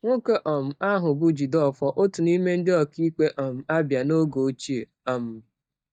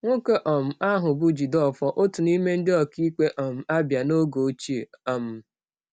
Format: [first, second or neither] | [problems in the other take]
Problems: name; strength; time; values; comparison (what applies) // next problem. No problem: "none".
second | noise reduction (neural mask model DeepFilterNet 3)